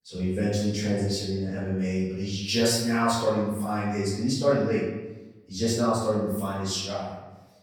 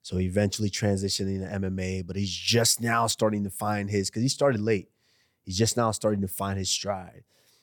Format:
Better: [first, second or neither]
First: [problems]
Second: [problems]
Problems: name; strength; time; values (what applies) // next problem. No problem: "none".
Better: second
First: off-mic speech; far // room echo; noticeable; dies away in 1 s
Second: none